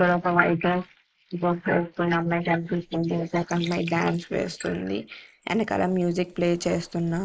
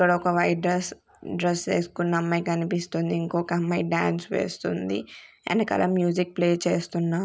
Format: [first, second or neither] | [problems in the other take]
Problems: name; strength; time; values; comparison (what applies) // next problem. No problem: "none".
second | noise reduction (neural mask model Resemble Enhance denoiser)